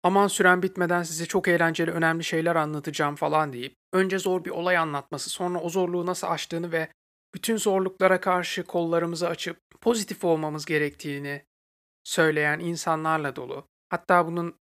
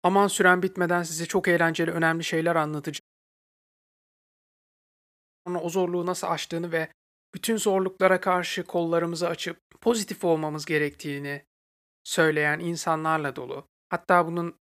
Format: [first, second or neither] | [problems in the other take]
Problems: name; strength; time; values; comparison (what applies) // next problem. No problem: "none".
first | audio cutting out; at 3 s for 2.5 s